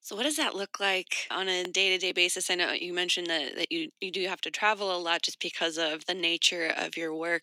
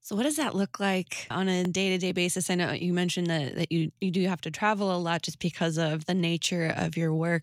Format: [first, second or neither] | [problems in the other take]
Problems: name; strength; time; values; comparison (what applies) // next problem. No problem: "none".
second | thin; very; fading below 300 Hz